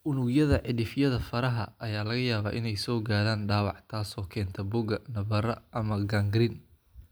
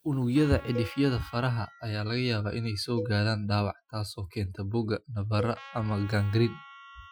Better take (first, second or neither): first